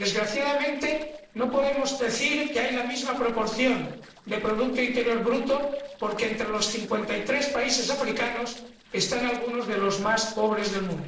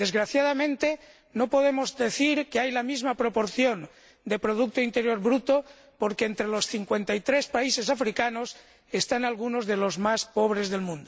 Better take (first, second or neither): second